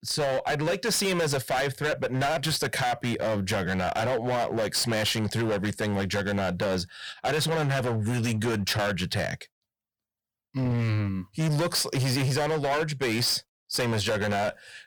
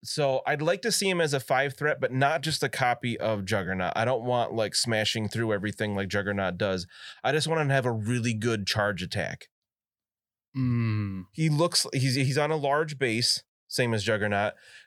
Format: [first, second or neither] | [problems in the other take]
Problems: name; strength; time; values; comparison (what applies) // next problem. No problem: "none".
second | distortion; heavy; 24% of the sound clipped